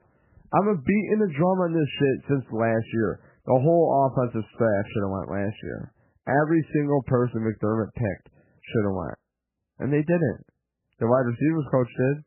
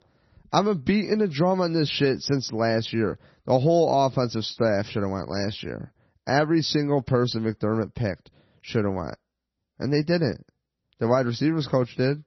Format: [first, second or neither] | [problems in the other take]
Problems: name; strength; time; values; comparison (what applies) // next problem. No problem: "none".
second | garbled, watery; badly; nothing above 3 kHz; slightly in the second